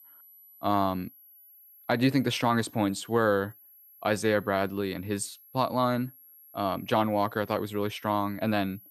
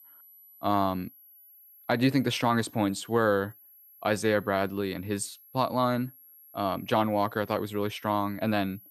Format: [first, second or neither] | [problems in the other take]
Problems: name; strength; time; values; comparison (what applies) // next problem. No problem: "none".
neither | high-pitched whine; faint; throughout; 11.5 kHz, 25 dB below the speech; the same in both